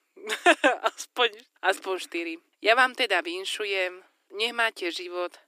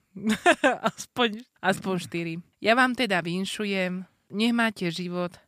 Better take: second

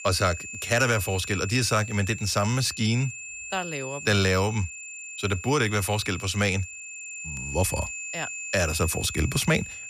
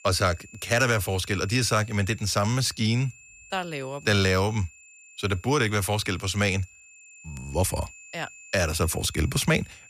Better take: second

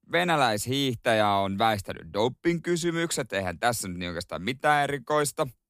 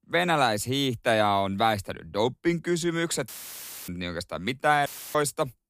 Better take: first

